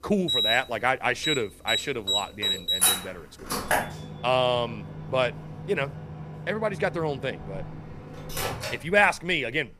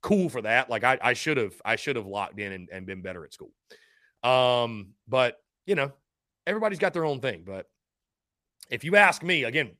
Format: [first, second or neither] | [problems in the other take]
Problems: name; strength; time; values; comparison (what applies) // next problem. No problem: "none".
second | household noises; loud; throughout; 1 dB below the speech